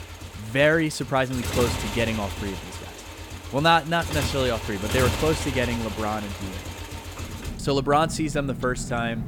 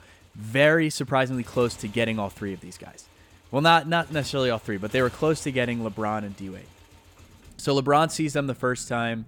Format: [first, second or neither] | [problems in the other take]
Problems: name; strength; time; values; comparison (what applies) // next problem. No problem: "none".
second | traffic noise; loud; throughout; 7 dB below the speech; faint in the second